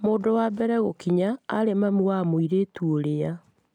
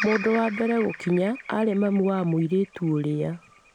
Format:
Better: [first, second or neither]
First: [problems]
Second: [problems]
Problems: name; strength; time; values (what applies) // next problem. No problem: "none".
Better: first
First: none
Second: background sound (Bird vocalization, bird call, bird song); 14 dB below the speech